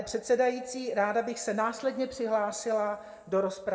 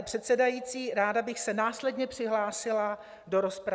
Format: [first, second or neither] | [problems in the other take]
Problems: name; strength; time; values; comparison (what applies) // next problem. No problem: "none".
second | room echo; dies away in 1.1 s